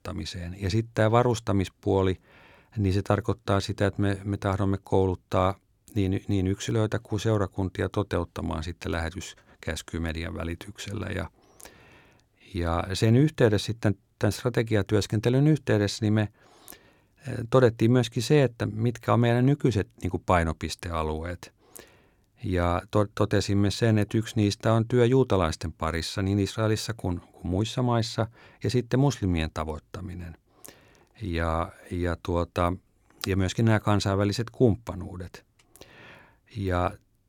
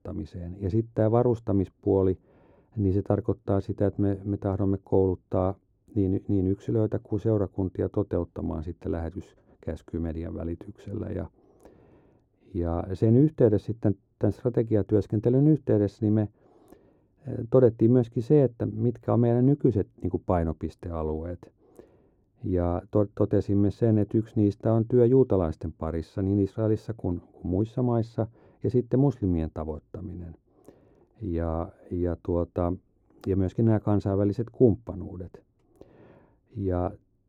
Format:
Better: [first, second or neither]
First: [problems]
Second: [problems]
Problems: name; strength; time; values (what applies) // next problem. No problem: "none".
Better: first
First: none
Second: muffled; very; fading above 1 kHz